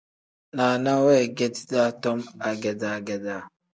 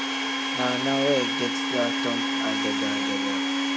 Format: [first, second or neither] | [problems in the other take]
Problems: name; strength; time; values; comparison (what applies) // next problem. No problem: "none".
first | background sound (Domestic sounds, home sounds); 4 dB above the speech